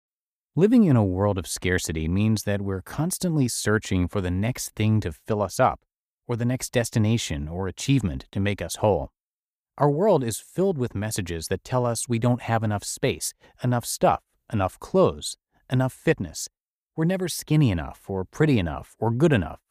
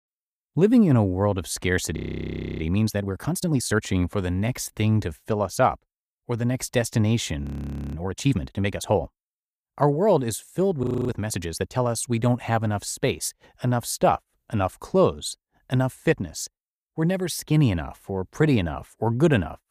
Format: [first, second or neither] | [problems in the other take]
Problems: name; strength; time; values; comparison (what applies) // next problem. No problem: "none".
first | audio freezing; at 2 s for 0.5 s, at 7.5 s for 0.5 s and at 11 s